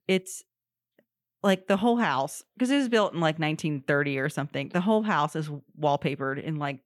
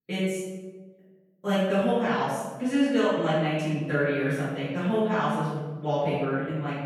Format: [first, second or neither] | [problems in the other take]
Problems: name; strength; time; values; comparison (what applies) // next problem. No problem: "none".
first | off-mic speech; far // room echo; strong; dies away in 1.1 s